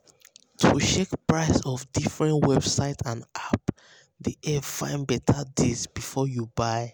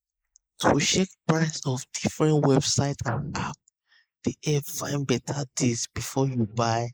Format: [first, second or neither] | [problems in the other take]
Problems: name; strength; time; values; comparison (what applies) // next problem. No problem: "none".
first | noise reduction (neural mask model Resemble Enhance denoiser)